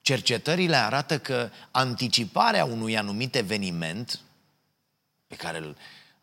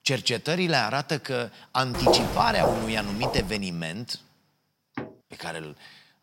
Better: first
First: none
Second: footsteps; loud; from 2 to 3.5 s; peak 4 dB above the speech // door banging; faint; at 5 s; peak 10 dB below the speech

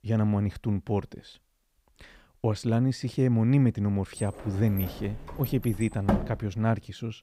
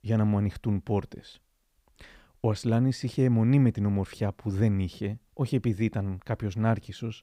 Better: second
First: door banging; noticeable; from 4 to 6.5 s; peak 1 dB below the speech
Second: none

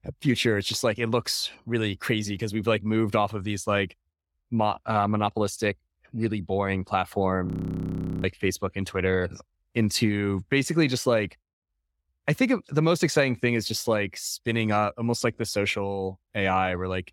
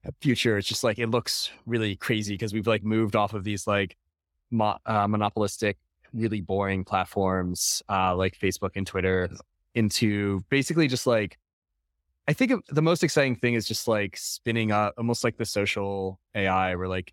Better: second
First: audio freezing; at 7.5 s for 1 s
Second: none

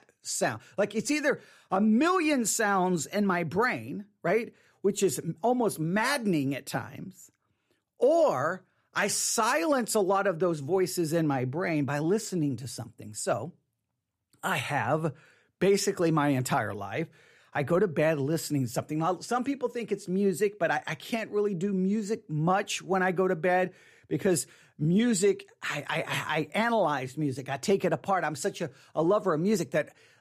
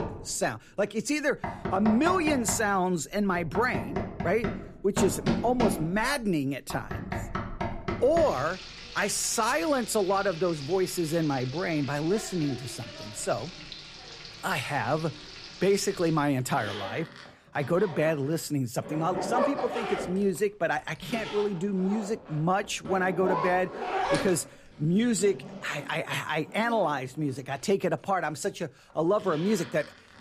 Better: first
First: none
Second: household noises; loud; throughout; 8 dB below the speech

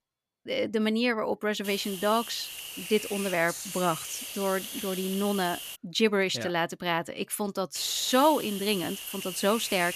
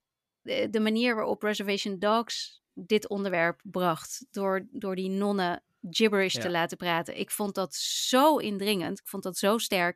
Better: second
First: hiss; loud; from 1.5 to 6 s and from 8 s on; 8 dB below the speech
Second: none

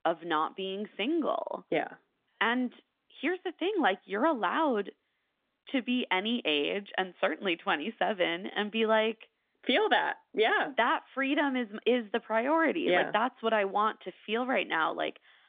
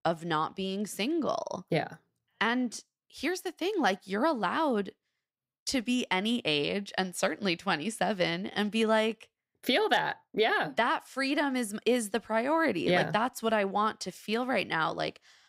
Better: second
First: phone-call audio; nothing above 3 kHz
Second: none

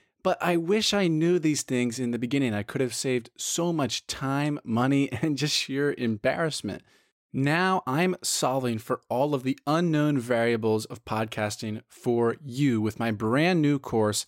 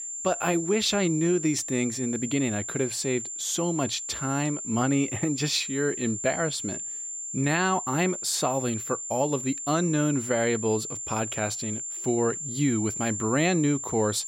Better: first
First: none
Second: high-pitched whine; loud; throughout; 7.5 kHz, 5 dB below the speech

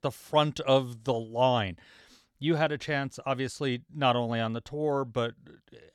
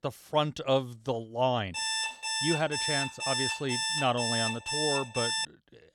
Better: first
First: none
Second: alarm; loud; from 1.5 s on; peak 3 dB above the speech

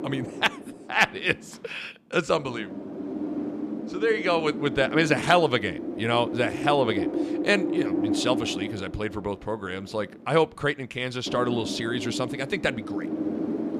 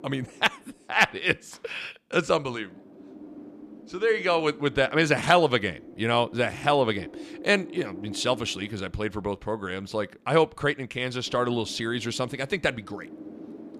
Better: second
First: wind noise on the microphone; heavy; 9 dB below the speech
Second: wind noise on the microphone; occasional gusts; 20 dB below the speech

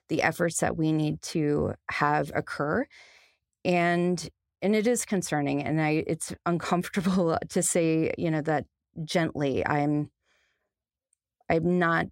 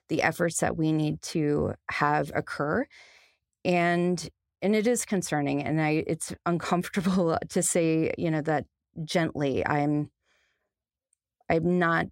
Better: neither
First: none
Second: none

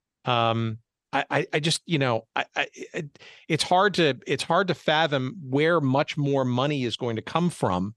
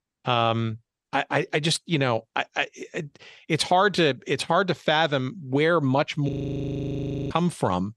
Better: first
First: none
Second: audio freezing; at 6.5 s for 1 s

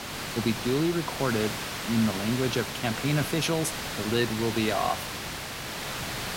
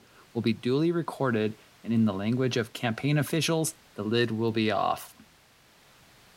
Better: second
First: hiss; loud; throughout; 4 dB below the speech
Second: hiss; faint; throughout; 30 dB below the speech

